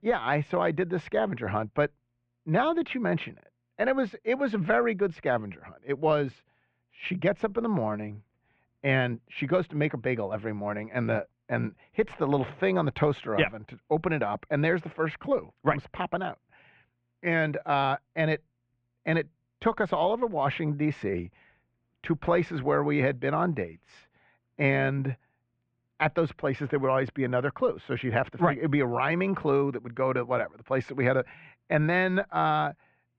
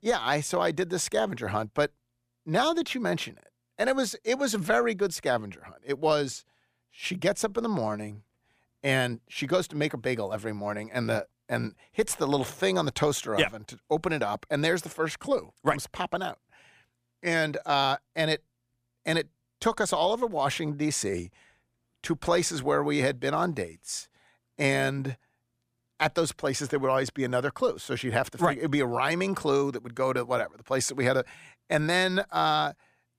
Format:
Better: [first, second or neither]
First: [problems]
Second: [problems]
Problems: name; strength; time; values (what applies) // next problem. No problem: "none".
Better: second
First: muffled; very; fading above 2.5 kHz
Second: none